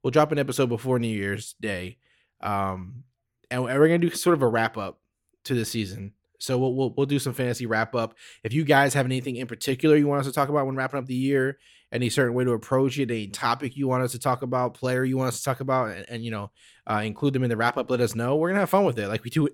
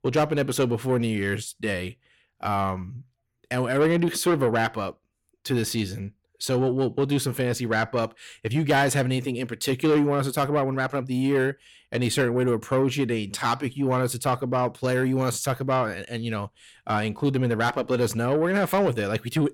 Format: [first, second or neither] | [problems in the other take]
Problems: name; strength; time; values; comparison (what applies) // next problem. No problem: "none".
first | distortion; slight; 10 dB below the speech